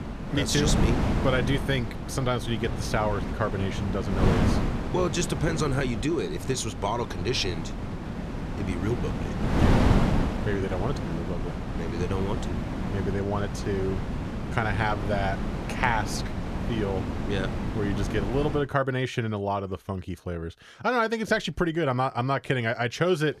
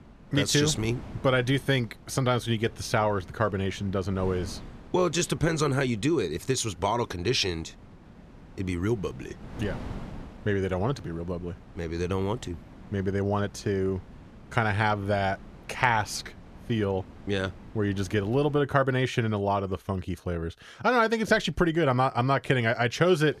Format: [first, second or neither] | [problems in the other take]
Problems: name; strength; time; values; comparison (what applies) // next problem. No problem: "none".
second | wind noise on the microphone; heavy; until 19 s; 5 dB below the speech; occasional gusts in the second